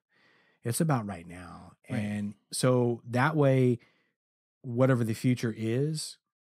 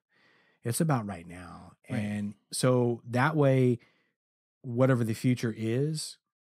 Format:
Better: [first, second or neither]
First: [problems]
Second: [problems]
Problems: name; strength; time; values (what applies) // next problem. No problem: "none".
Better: neither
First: none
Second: none